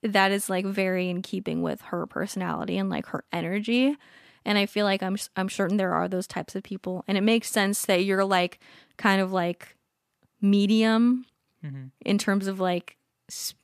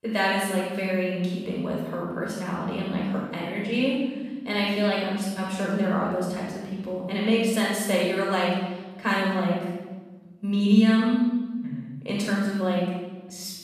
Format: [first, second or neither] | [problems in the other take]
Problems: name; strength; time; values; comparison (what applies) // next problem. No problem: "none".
first | off-mic speech; far // room echo; strong; dies away in 1.2 s